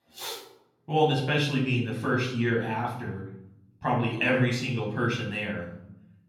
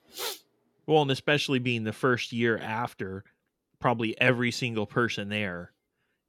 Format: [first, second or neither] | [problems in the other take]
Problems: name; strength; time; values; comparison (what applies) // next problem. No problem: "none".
second | off-mic speech; far // room echo; noticeable; dies away in 0.7 s